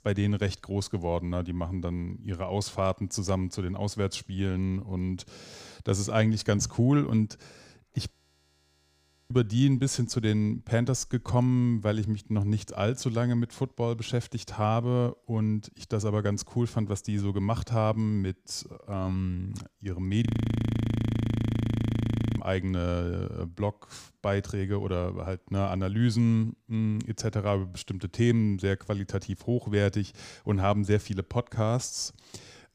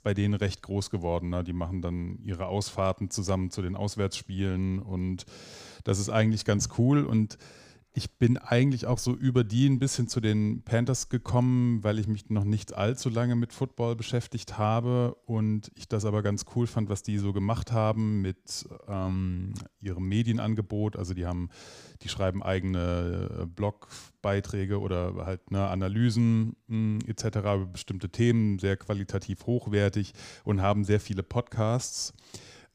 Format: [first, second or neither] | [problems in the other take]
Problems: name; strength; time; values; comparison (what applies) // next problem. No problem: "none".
second | audio freezing; at 8 s for 1 s and at 20 s for 2 s